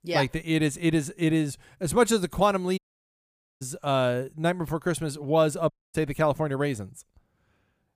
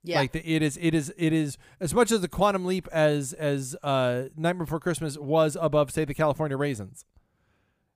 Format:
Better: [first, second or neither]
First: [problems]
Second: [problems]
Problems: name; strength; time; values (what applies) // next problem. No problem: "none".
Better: second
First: audio cutting out; at 3 s for 1 s and at 5.5 s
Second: none